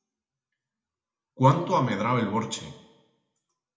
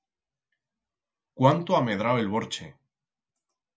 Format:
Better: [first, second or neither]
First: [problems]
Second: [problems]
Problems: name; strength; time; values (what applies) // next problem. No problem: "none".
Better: second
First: room echo; dies away in 0.6 s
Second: none